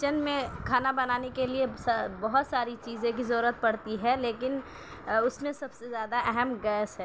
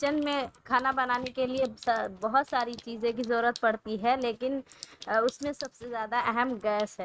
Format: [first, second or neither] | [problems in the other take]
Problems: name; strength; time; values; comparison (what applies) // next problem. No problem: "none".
first | noise reduction (neural mask model RNNoise)